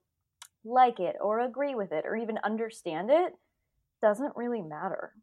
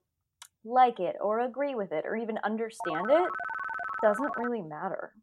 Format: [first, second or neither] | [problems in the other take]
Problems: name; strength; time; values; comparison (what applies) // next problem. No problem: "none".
first | phone ringing; noticeable; from 3 to 4.5 s; peak 4 dB below the speech